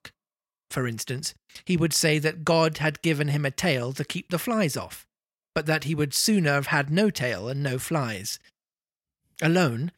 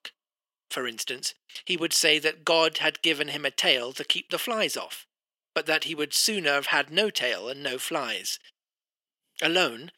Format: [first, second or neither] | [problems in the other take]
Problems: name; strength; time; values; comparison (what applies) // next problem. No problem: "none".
first | thin; somewhat; fading below 350 Hz